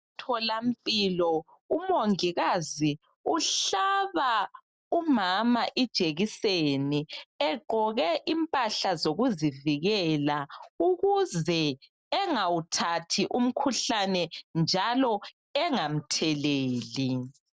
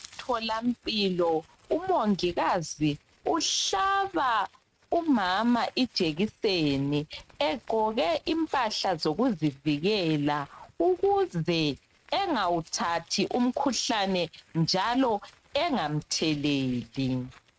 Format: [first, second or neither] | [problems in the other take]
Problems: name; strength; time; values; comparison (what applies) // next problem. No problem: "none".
first | noise reduction (neural mask model RNNoise)